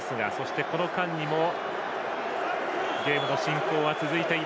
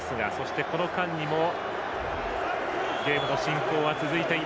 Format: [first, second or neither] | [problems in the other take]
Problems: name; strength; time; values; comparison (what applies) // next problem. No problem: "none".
first | background sound (Accelerating, revving, vroom); 18 dB below the speech